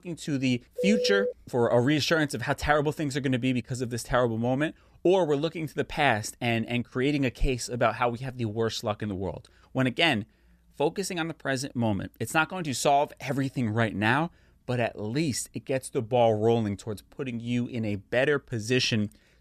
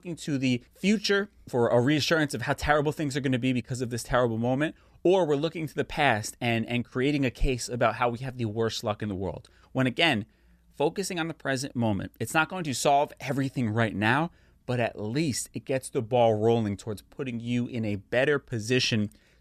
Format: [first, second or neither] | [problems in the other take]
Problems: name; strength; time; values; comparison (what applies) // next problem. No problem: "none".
second | phone ringing; noticeable; at 1 s; peak level with the speech